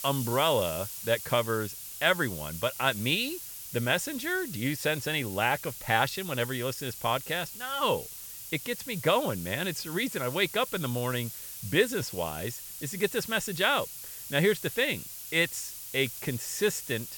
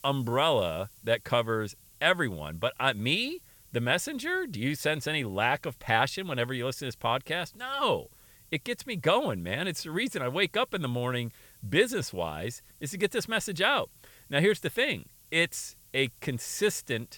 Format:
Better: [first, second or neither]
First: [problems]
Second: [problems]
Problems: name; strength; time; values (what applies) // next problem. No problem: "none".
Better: second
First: hiss; loud; throughout; 9 dB below the speech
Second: hiss; faint; throughout; 25 dB below the speech